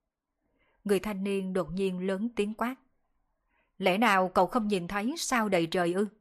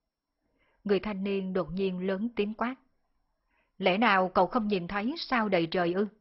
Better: first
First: none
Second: garbled, watery; badly; nothing above 5.5 kHz

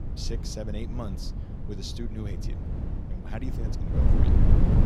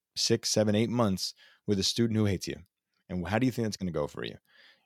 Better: second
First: wind noise on the microphone; heavy; 1 dB above the speech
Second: none

